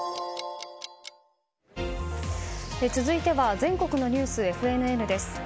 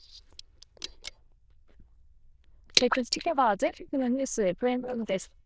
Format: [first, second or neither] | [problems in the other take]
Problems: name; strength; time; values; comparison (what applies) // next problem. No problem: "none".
first | noise reduction (neural diffusion model UNIVERSE++)